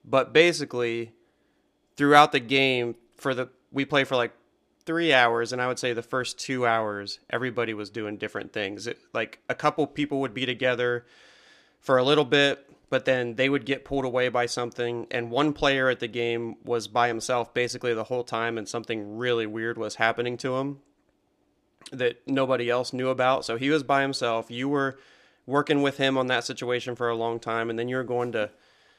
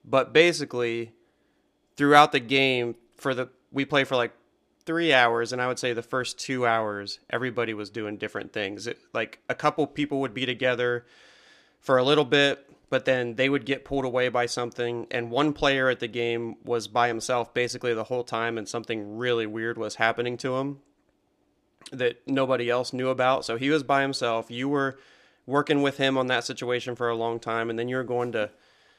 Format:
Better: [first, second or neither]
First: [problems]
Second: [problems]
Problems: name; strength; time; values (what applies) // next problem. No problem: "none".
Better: neither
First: none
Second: none